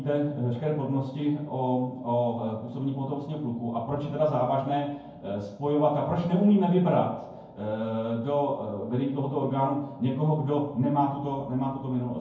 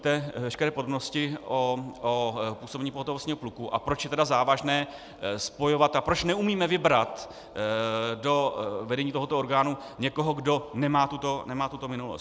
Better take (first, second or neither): second